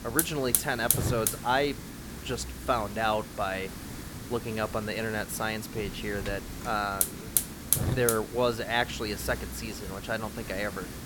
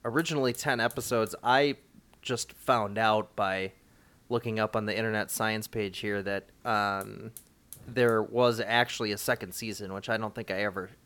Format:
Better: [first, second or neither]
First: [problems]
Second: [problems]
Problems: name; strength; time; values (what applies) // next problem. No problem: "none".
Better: second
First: hiss; loud; throughout; 2 dB below the speech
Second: hiss; faint; throughout; 25 dB below the speech